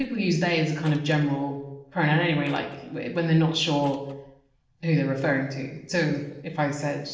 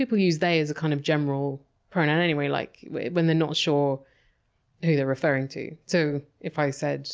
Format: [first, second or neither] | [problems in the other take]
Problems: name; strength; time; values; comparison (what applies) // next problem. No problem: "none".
second | noise reduction (neural separator model SepFormer DNS4)